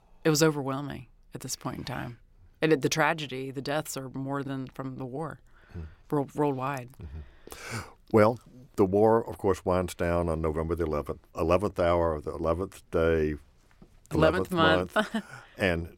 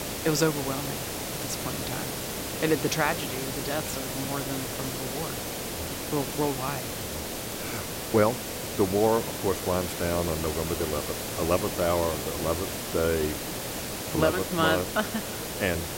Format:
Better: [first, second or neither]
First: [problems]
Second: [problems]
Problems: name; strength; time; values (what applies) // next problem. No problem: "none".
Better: first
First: none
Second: hiss; loud; throughout; 3 dB below the speech